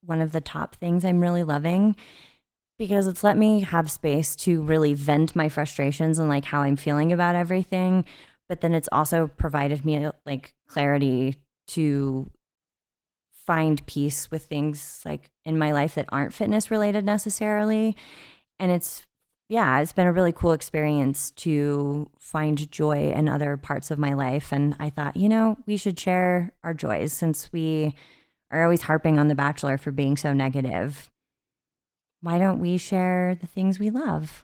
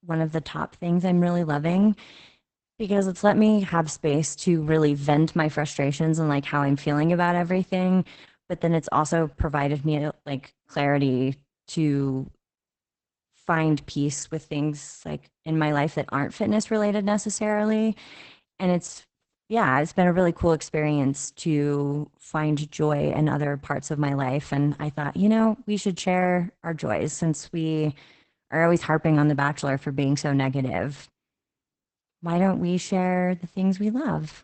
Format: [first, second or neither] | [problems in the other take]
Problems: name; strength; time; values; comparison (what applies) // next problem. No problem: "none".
first | garbled, watery; badly; nothing above 8 kHz; slightly in the first